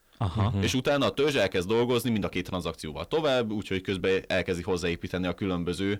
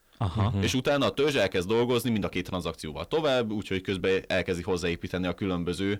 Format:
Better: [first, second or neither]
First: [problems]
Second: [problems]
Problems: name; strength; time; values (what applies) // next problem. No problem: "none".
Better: neither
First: distortion; slight; 10 dB below the speech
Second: distortion; slight; 10 dB below the speech